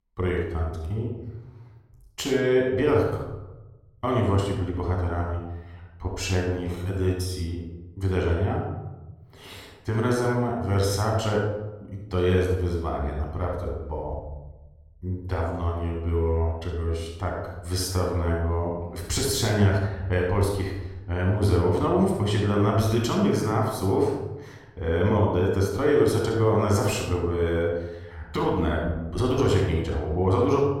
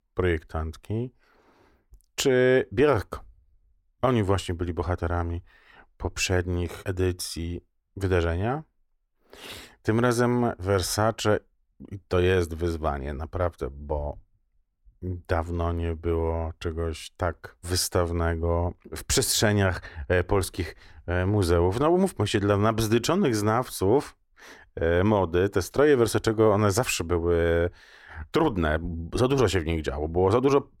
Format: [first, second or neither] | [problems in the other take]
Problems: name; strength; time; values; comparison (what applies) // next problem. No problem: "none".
second | off-mic speech; somewhat distant // room echo; noticeable; dies away in 1 s